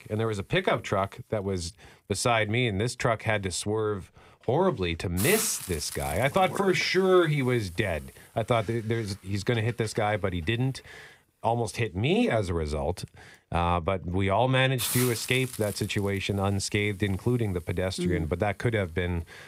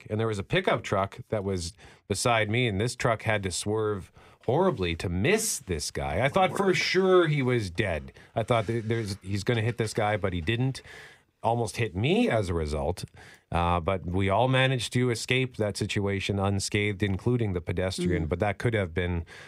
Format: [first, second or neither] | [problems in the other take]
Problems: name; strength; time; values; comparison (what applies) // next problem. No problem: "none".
second | hiss; loud; throughout; 8 dB below the speech